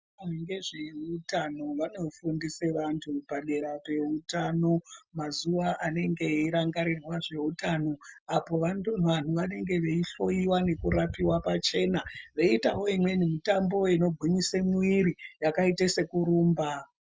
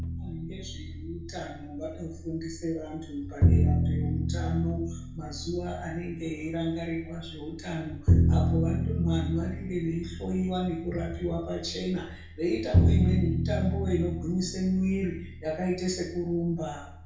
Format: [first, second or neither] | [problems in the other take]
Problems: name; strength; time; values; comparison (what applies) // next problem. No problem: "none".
first | background sound (Bowed string instrument); 3 dB above the speech // room echo; dies away in 0.5 s